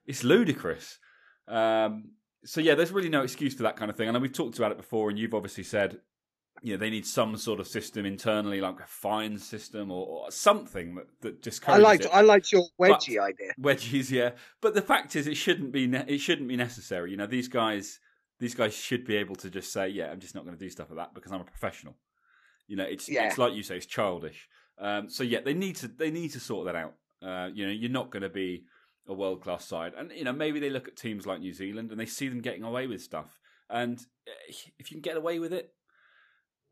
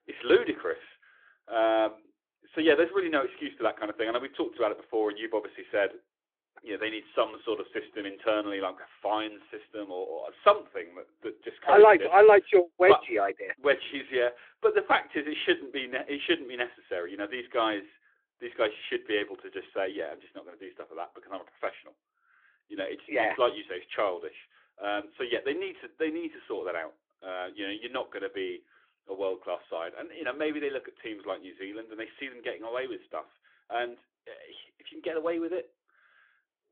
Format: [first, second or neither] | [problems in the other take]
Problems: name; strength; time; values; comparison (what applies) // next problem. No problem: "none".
first | phone-call audio; nothing above 3.5 kHz